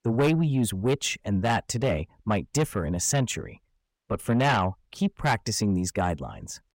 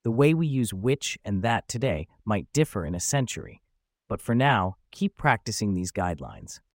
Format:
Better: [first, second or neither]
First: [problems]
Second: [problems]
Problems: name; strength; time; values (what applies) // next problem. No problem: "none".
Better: second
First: distortion; slight; 10 dB below the speech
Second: none